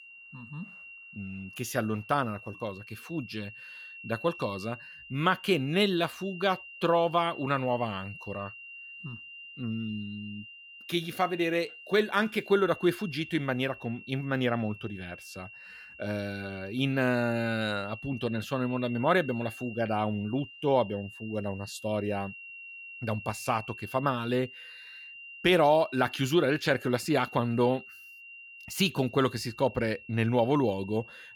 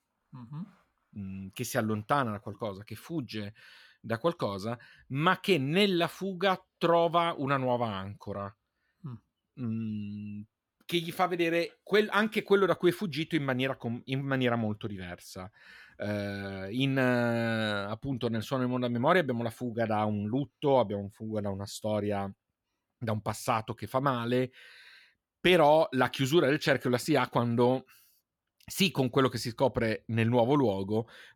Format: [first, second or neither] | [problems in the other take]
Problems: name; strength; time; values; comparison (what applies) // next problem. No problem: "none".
second | high-pitched whine; noticeable; throughout; 2.5 kHz, 15 dB below the speech